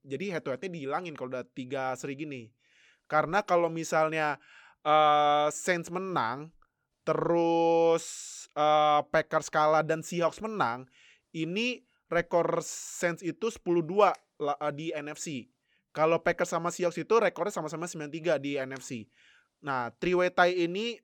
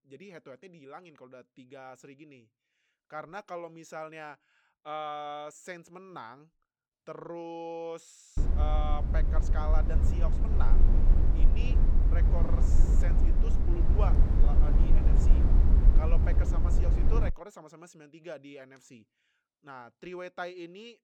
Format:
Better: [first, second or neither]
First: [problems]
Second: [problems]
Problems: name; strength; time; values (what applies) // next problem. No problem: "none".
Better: first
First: none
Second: low rumble; loud; from 8.5 to 17 s; 2 dB below the speech